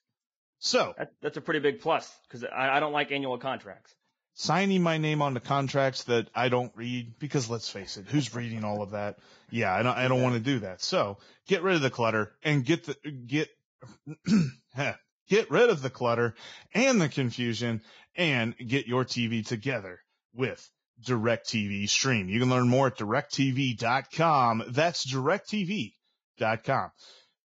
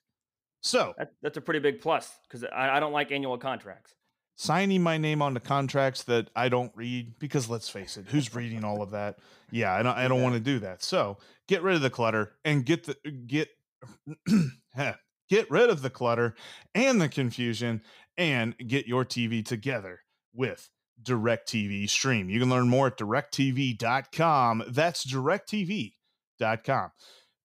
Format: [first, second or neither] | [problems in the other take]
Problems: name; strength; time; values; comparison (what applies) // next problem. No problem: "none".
second | garbled, watery; badly; nothing above 6 kHz